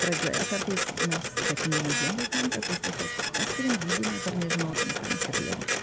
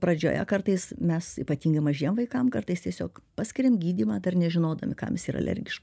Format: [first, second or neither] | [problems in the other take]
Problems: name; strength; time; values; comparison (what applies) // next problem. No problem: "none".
second | background sound (Printer); 2 dB above the speech